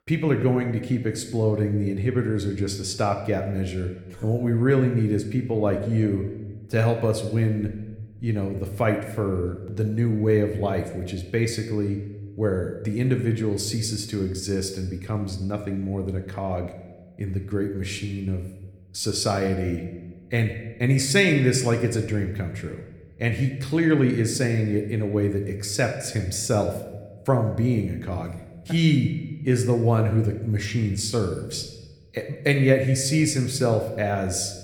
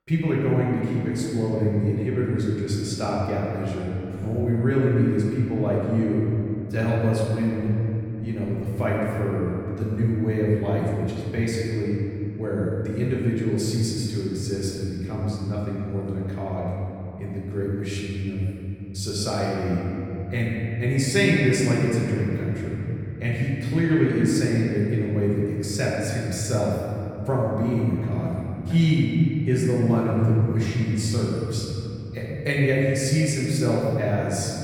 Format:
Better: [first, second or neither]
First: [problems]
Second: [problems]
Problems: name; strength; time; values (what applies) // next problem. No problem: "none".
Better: first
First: room echo; slight; dies away in 0.9 s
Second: room echo; strong; dies away in 3 s // off-mic speech; far